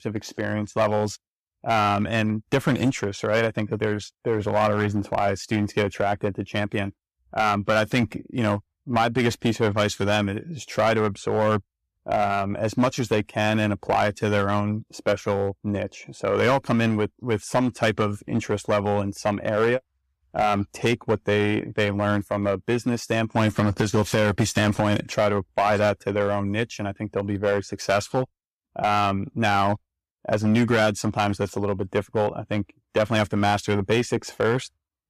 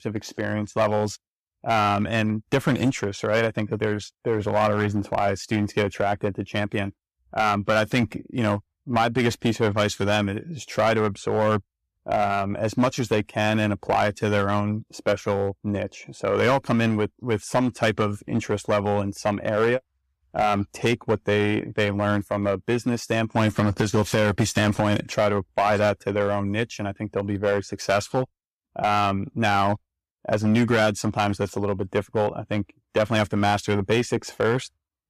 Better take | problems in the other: neither | distortion; slight; 5% of the sound clipped; the same in both

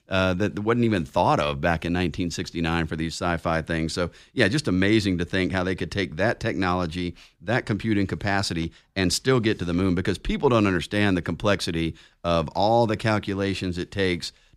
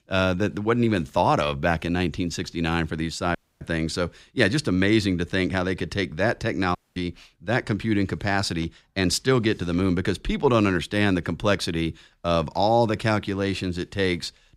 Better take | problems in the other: first | audio cutting out; at 3.5 s and at 7 s

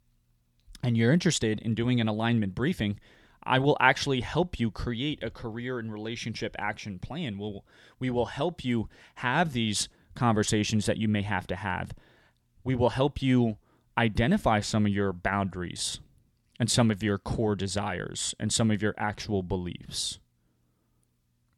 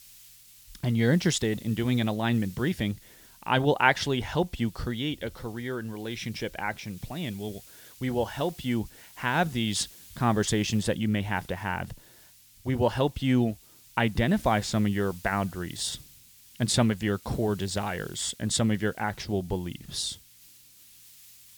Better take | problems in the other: first | hiss; faint; throughout; 20 dB below the speech

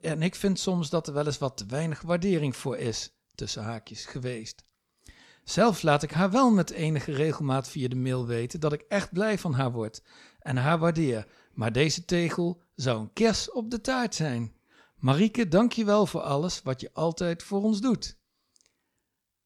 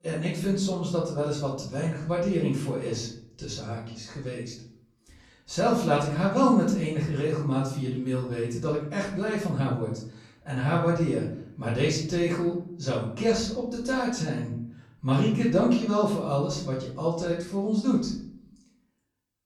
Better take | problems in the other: first | off-mic speech; far // room echo; noticeable; dies away in 0.6 s

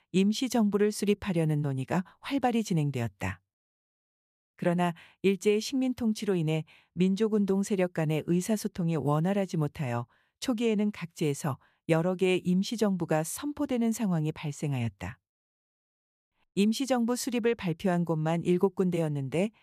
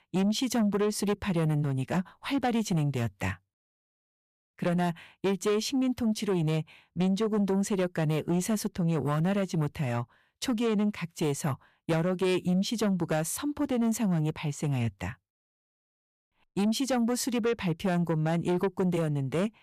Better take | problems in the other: first | distortion; slight; 10 dB below the speech

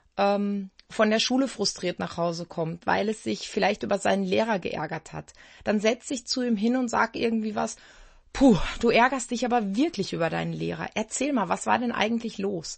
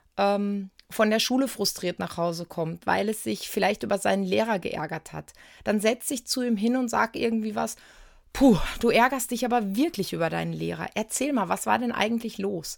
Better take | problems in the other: second | garbled, watery; slightly; nothing above 8 kHz

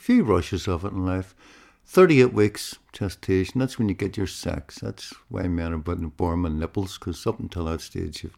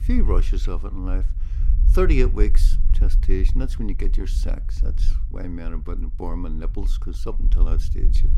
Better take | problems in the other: first | low rumble; noticeable; throughout; 15 dB below the speech

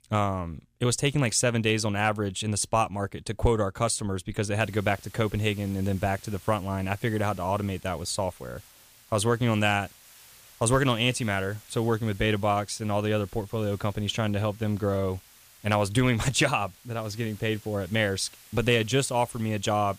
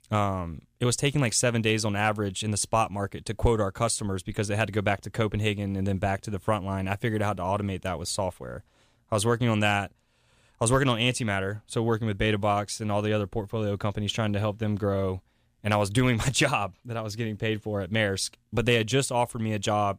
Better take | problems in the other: second | hiss; faint; from 4.5 s on; 25 dB below the speech

